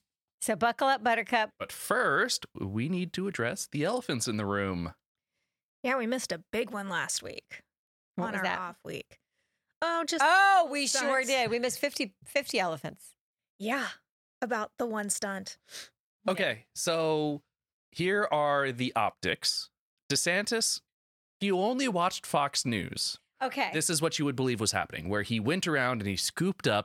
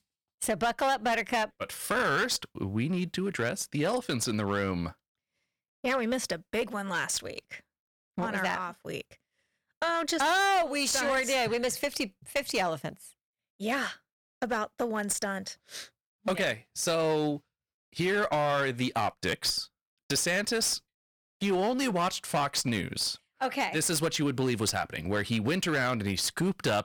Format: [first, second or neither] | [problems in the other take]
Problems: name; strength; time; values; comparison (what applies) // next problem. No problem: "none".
first | distortion; slight; 8% of the sound clipped